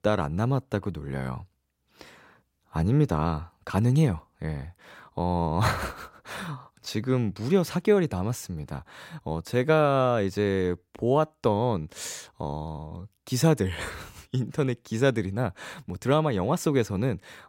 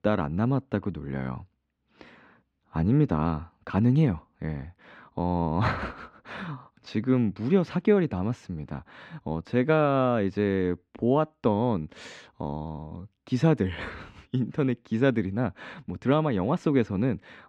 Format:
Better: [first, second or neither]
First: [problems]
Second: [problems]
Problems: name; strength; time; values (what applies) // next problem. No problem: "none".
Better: first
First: none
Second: muffled; slightly; fading above 3 kHz